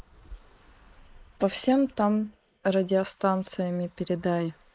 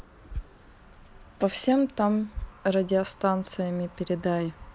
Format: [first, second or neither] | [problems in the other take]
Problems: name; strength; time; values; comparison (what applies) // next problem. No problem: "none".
second | noise reduction (neural mask model Resemble Enhance denoiser)